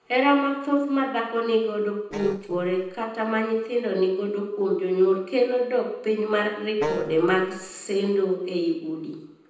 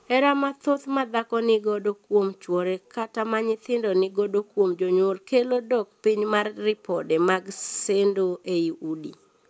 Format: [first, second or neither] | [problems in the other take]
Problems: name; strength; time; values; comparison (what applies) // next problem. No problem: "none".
second | noise reduction (neural separator model SepFormer DNS4)